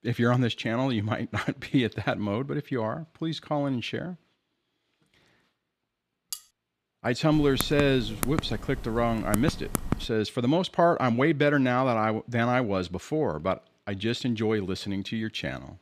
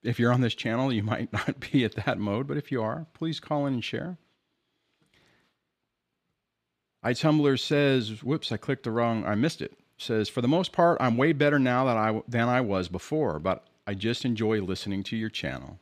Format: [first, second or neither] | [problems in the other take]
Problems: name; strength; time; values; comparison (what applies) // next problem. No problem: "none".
second | clattering dishes; faint; at 6.5 s; peak 10 dB below the speech // keyboard typing; noticeable; from 7.5 to 10 s; peak 4 dB below the speech